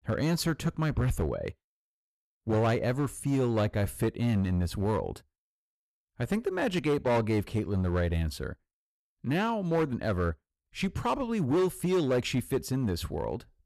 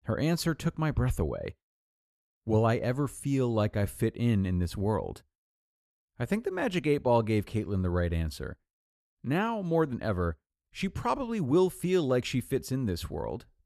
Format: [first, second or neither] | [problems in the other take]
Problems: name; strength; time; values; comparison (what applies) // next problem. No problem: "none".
second | distortion; slight; 7% of the sound clipped